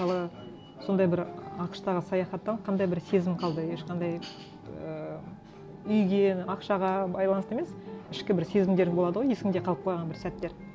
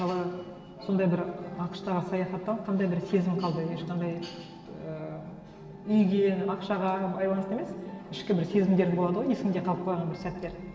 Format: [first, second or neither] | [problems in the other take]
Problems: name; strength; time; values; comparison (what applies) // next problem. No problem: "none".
first | room echo; dies away in 2.1 s